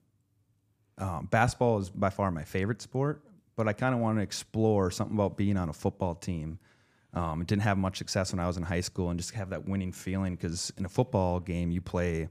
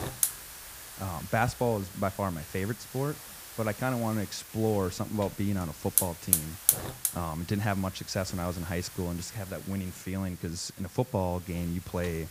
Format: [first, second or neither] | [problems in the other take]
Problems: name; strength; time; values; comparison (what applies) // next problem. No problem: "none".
first | hiss; loud; throughout; as loud as the speech